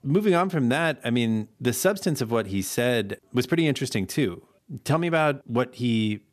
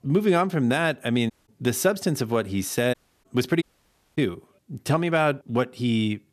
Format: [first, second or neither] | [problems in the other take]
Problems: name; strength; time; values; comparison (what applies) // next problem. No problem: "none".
first | audio cutting out; at 1.5 s, at 3 s and at 3.5 s for 0.5 s